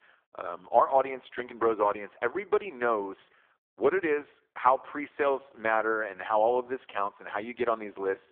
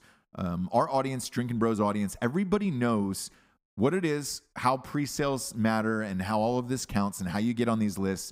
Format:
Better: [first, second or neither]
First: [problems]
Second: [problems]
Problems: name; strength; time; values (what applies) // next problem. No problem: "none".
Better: second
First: phone-call audio; poor line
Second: none